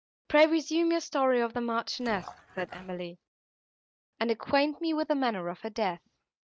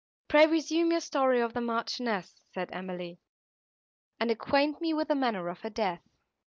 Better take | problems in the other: second | noise reduction (neural mask model RNNoise)

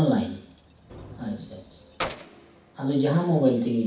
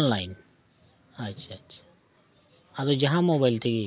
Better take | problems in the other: second | background sound (Keys jangling); 16 dB below the speech // room echo; dies away in 0.6 s

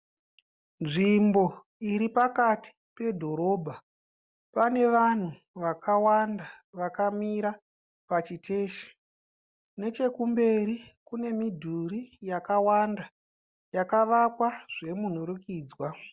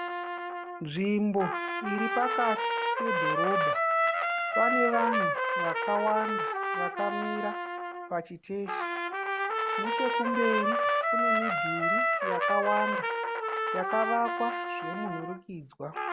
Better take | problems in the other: first | background sound (Trumpet); 3 dB above the speech

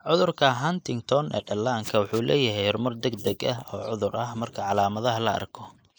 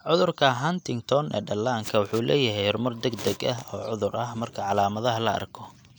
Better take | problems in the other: second | noise reduction (neural mask model Resemble Enhance denoiser)

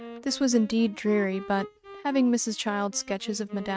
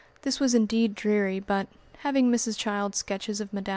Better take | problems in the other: second | noise reduction (neural mask model RNNoise)

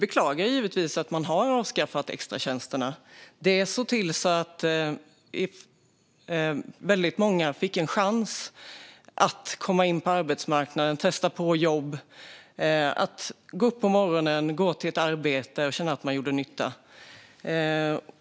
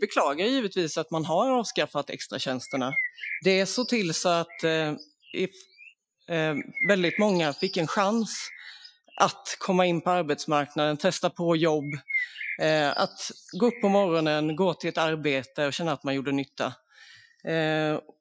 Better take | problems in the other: first | noise reduction (classical method Wiener filter)

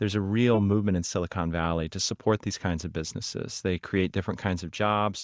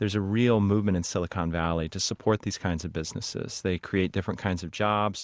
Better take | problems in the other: second | noise reduction (neural mask model DeepFilterNet 3)

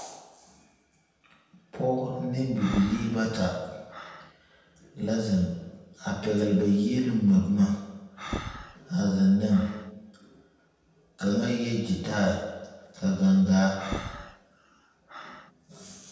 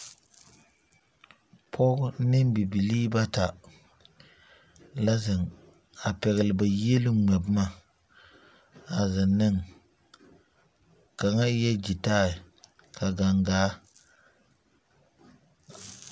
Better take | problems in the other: second | background sound (Breathing); 17 dB below the speech // room echo; dies away in 1.1 s

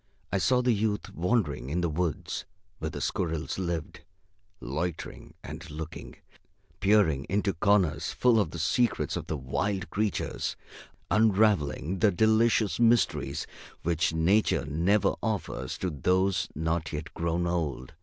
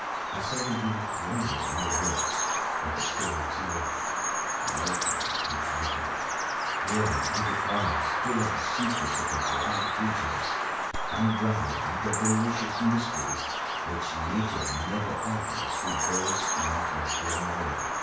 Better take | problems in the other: first | background sound (Bird vocalization, bird call, bird song); 4 dB above the speech // room echo; dies away in 0.5 s

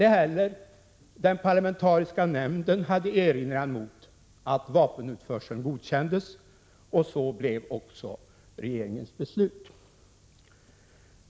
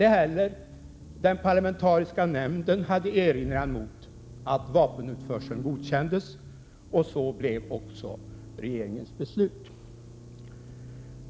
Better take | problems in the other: first | background sound (Accelerating, revving, vroom); 15 dB below the speech

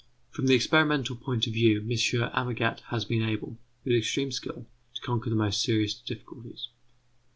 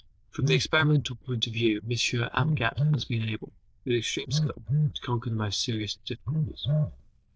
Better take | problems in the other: first | noise reduction (neural diffusion model UNIVERSE++)

